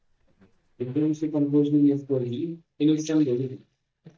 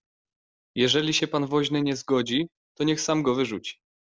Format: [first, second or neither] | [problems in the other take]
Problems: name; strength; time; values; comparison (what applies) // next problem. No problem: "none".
second | noise reduction (neural mask model DeepFilterNet 3)